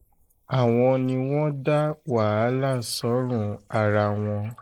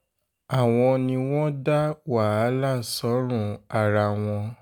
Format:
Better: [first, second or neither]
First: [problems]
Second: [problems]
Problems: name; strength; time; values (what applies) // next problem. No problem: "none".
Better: second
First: noise reduction (neural mask model Resemble Enhance denoiser)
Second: none